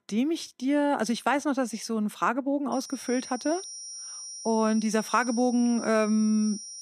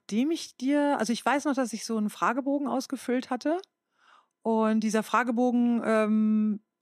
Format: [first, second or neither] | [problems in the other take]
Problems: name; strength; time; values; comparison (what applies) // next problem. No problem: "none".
second | high-pitched whine; noticeable; from 2.5 s on; 5.5 kHz, 10 dB below the speech